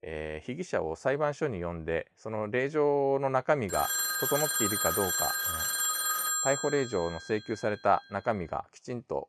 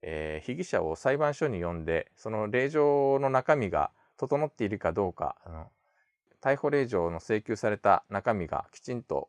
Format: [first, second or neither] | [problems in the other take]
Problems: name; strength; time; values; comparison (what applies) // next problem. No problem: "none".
second | phone ringing; loud; from 3.5 to 7 s; peak 4 dB above the speech